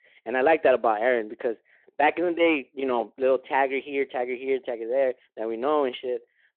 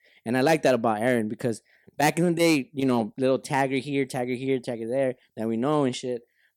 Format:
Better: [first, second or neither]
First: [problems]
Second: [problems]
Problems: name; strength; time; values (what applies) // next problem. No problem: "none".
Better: second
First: phone-call audio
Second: none